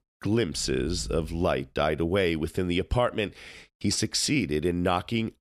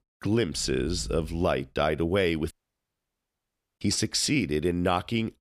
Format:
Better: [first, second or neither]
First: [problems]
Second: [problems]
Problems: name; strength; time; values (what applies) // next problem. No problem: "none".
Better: first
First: none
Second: audio cutting out; at 2.5 s for 1.5 s